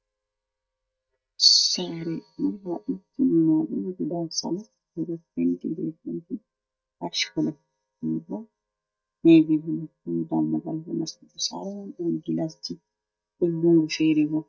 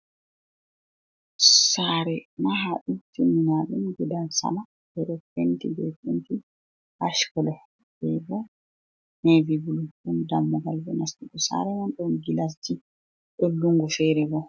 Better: second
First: noise reduction (neural mask model DeepFilterNet 3)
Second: none

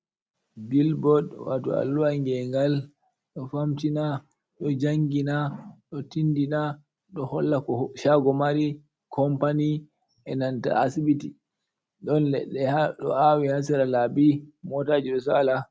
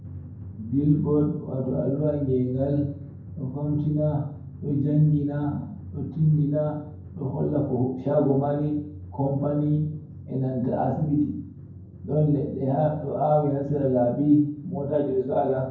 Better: first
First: none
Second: background sound (Drum); 15 dB below the speech // room echo; dies away in 0.9 s

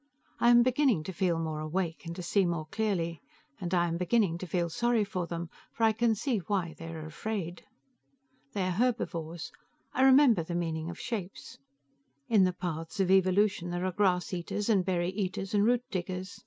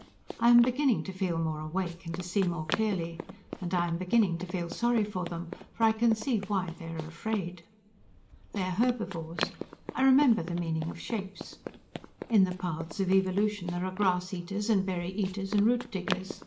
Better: first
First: none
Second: background sound (Run); 13 dB below the speech // room echo; dies away in 1.3 s

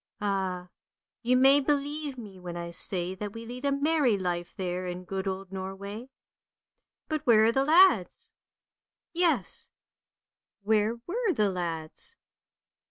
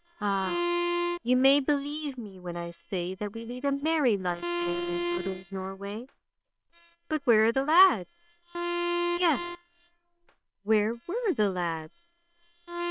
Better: first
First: none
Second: noise reduction (neural separator model SepFormer WHAM!)

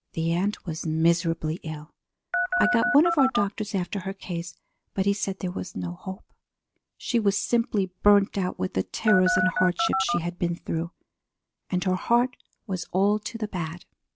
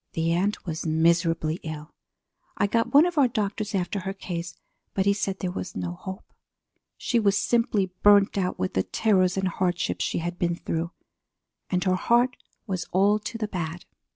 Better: second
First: background sound (Telephone); as loud as the speech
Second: none

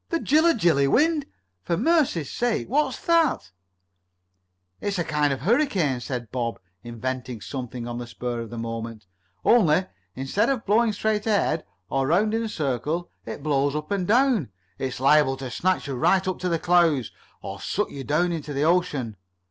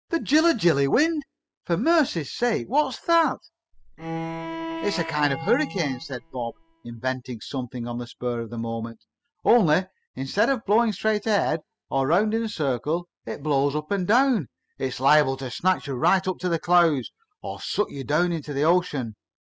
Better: first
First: none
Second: noise reduction (classical method spectral subtraction)

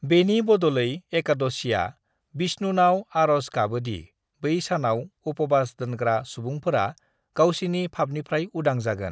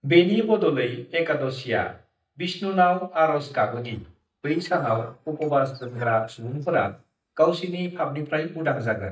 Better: first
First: none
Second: noise reduction (neural mask model DeepFilterNet 3)

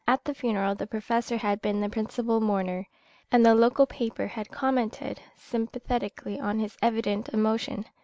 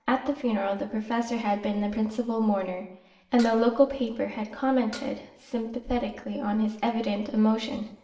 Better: first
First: none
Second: background sound (Dishes, pots, and pans); 19 dB below the speech // room echo; dies away in 0.8 s

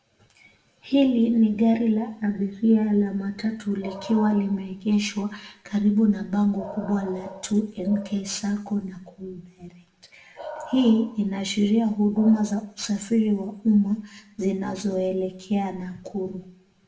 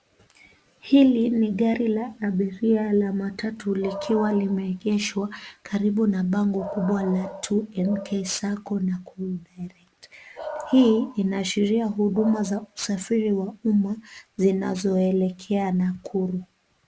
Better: second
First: room echo; dies away in 0.5 s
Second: none

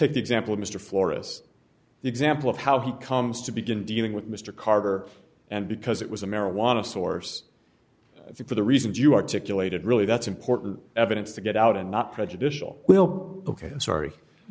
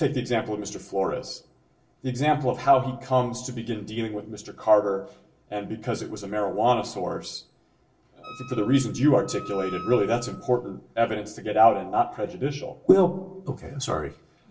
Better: first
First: none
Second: background sound (Wind instrument, woodwind instrument); 16 dB below the speech // room echo; dies away in 0.2 s

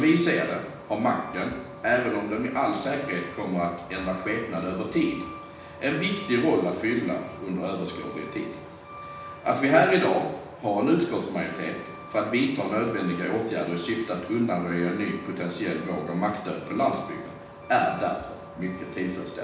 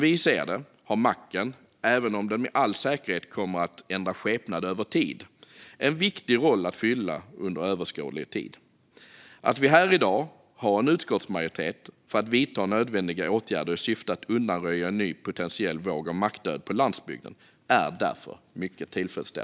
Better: second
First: background sound (Truck); 15 dB below the speech // room echo; dies away in 0.9 s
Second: none

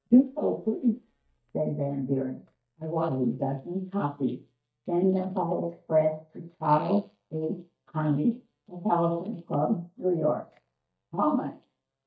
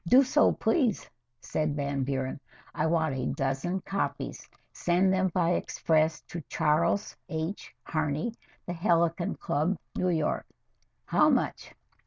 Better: second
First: noise reduction (neural mask model DeepFilterNet 3)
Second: none

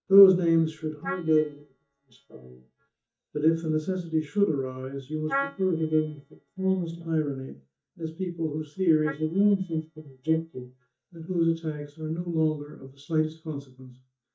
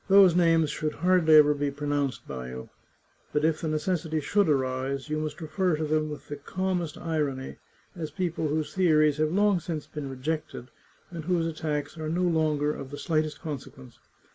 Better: second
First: noise reduction (neural mask model DeepFilterNet 3)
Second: none

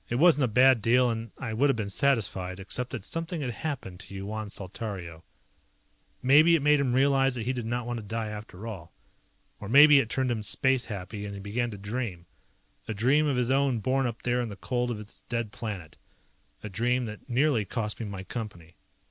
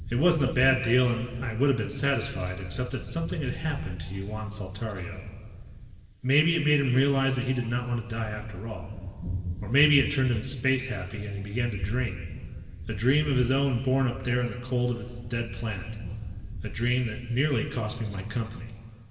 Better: first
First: none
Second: background sound (Thunder); 11 dB below the speech // room echo; dies away in 2 s

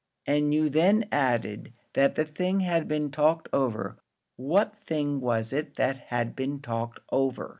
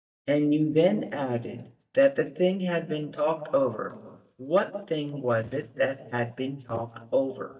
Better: first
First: none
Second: noise reduction (neural mask model DeepFilterNet 3)

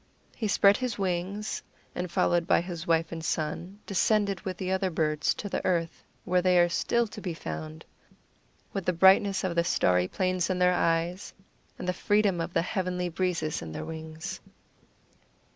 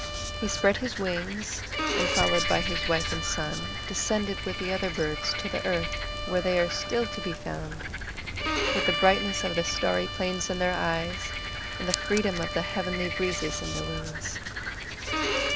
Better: first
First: none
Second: background sound (Bowed string instrument + Frog); 1 dB below the speech

